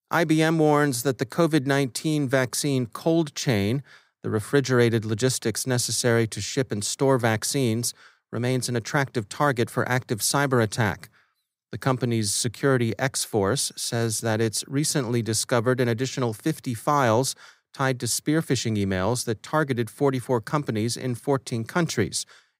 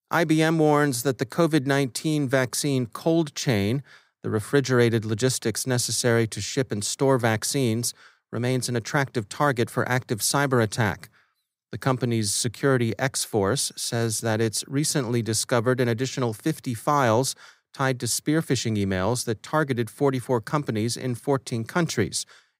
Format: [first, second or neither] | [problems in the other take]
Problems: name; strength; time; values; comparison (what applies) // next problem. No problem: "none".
neither | none